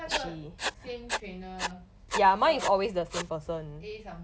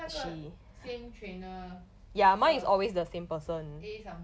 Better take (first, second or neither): second